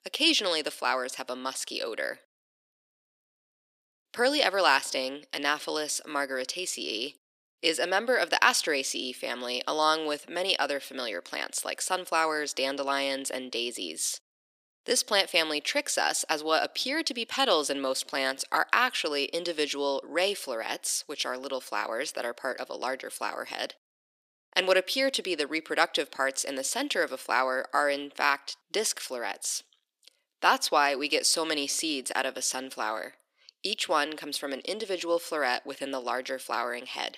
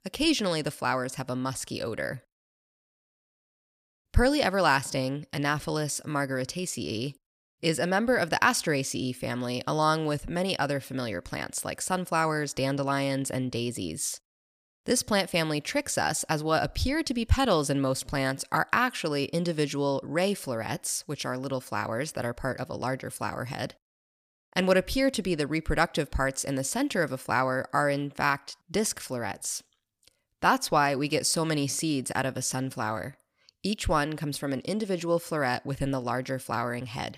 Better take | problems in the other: second | thin; somewhat; fading below 300 Hz

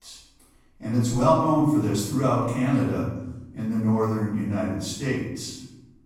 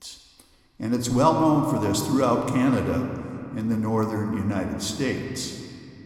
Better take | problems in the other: second | room echo; strong; dies away in 0.9 s; slight in the second // off-mic speech; far

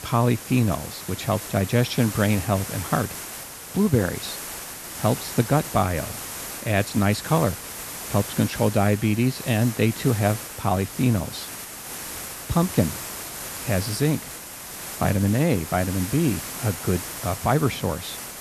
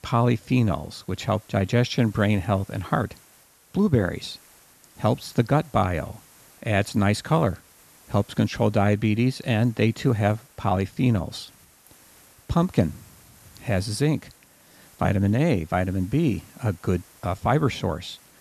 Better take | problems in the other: second | hiss; loud; throughout; 9 dB below the speech; faint in the second

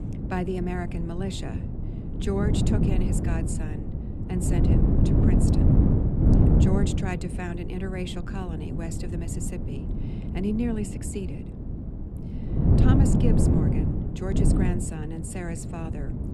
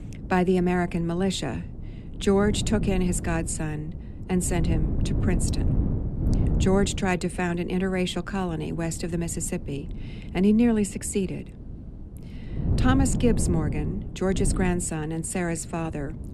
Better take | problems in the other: second | wind noise on the microphone; heavy; 1 dB above the speech; occasional gusts in the second

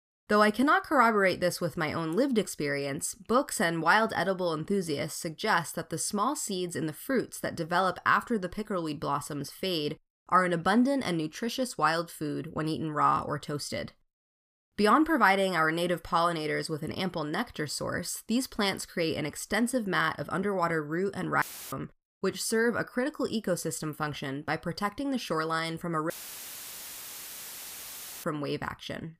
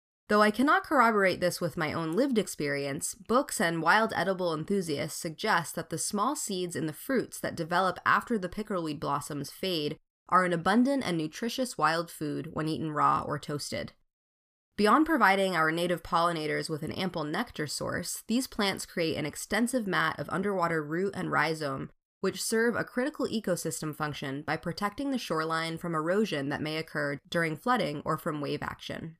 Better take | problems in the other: second | audio cutting out; filled with static; at 21 s and at 26 s for 2 s

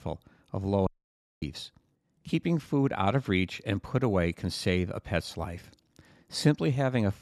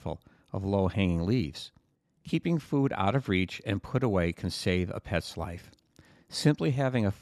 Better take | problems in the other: second | audio cutting out; at 1 s for 0.5 s

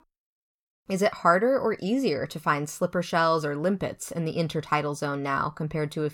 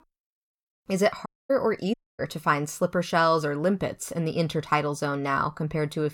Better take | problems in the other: first | audio cutting out; at 1.5 s and at 2 s

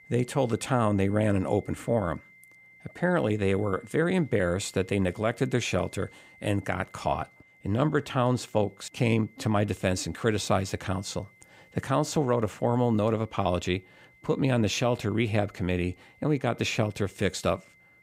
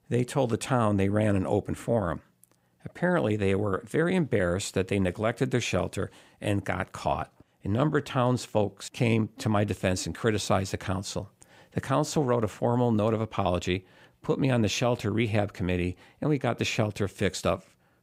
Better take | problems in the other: second | high-pitched whine; faint; throughout; 2 kHz, 25 dB below the speech

